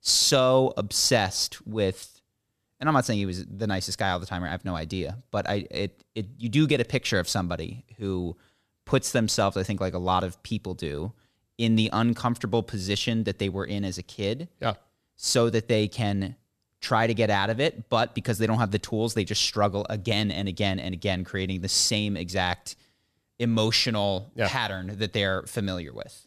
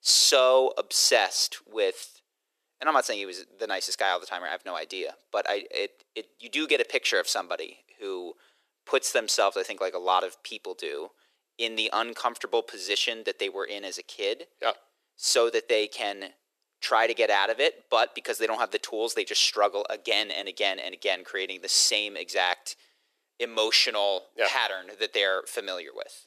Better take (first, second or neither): first